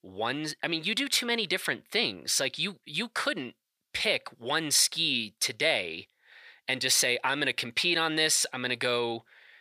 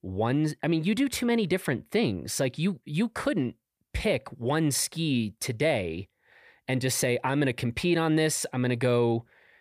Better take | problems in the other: second | thin; somewhat; fading below 900 Hz

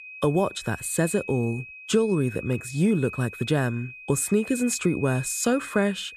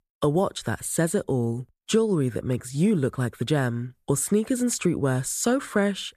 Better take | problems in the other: second | high-pitched whine; noticeable; throughout; 2.5 kHz, 15 dB below the speech

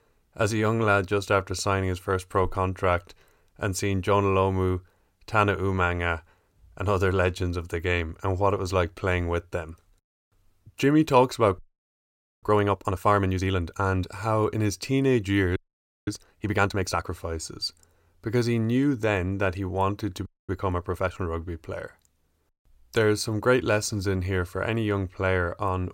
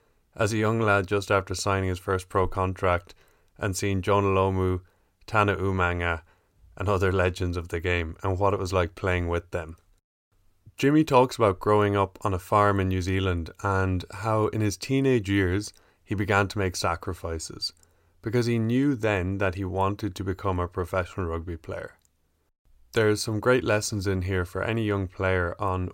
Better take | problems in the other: second | audio freezing; at 12 s for 1 s, at 16 s for 0.5 s and at 20 s

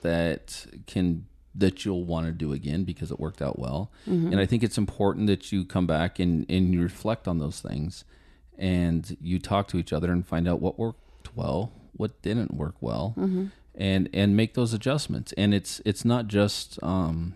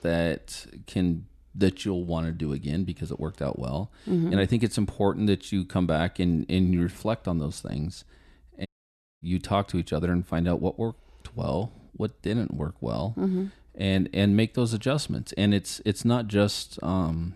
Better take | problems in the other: first | audio cutting out; at 8.5 s for 0.5 s

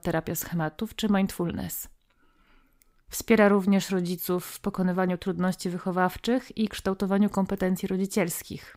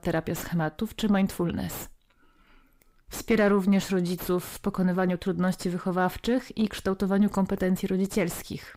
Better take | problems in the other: first | distortion; slight; 9 dB below the speech

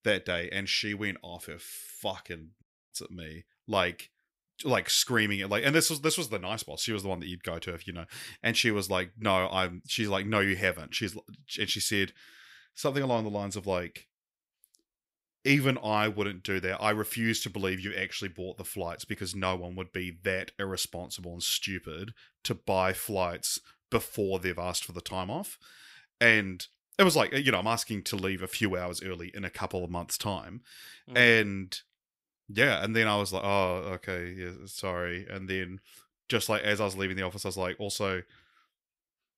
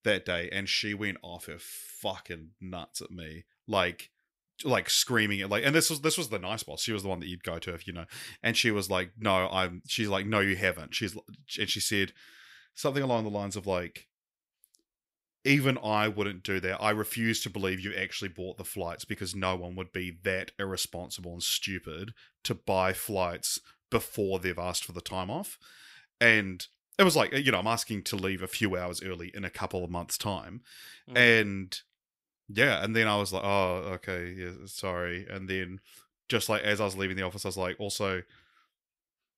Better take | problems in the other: second | audio cutting out; at 2.5 s

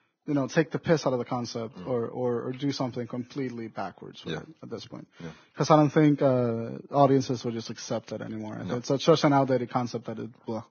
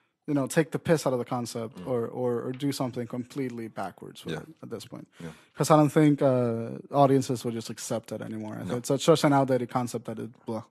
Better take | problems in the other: second | garbled, watery; badly; nothing above 6.5 kHz; slightly in the second

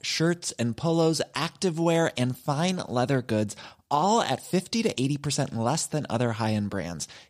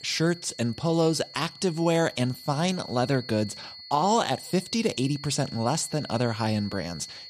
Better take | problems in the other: first | high-pitched whine; noticeable; throughout; 4.5 kHz, 15 dB below the speech

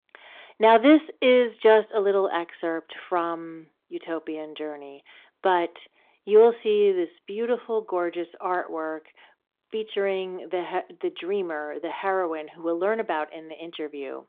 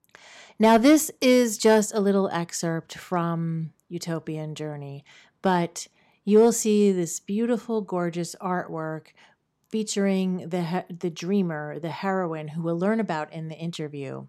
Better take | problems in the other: second | phone-call audio; nothing above 3.5 kHz

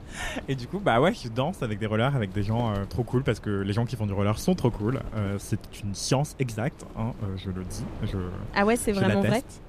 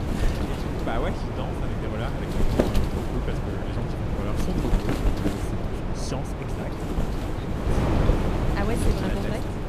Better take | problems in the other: first | wind noise on the microphone; heavy; 4 dB above the speech; occasional gusts in the first

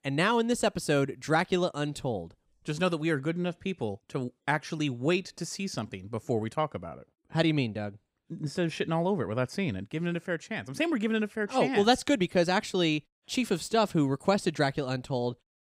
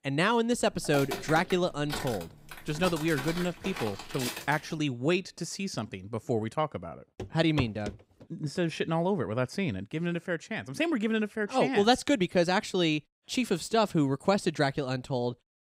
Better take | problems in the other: first | footsteps; noticeable; from 0.5 to 4.5 s and at 7 s; peak 6 dB below the speech

